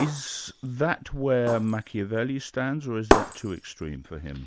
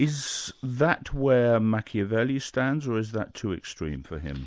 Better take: second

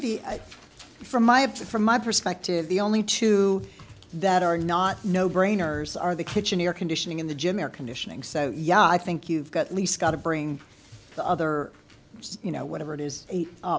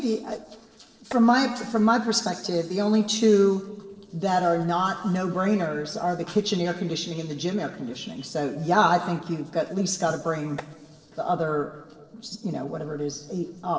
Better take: first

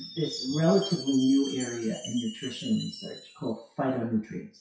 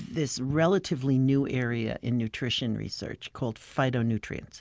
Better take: second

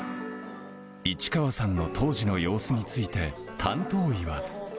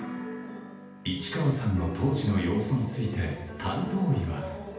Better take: first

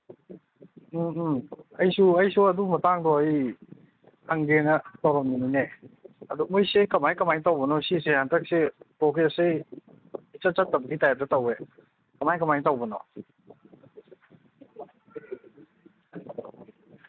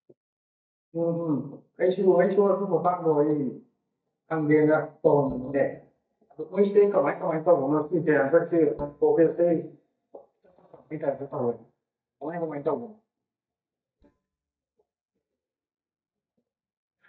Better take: first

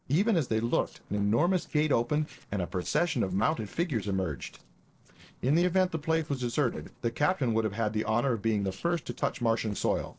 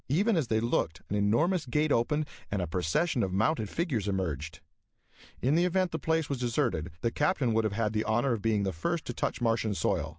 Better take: second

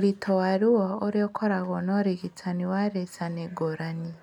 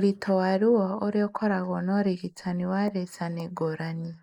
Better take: first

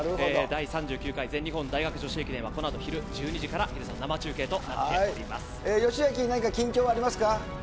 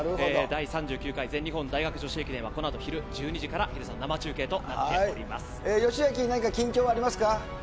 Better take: second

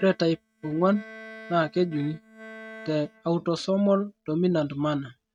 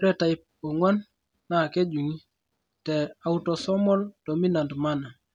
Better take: second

